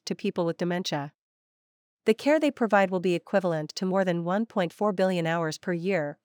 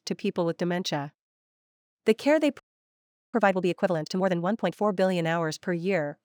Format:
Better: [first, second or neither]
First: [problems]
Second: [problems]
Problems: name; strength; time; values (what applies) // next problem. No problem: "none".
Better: first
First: none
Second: audio freezing; at 2.5 s for 0.5 s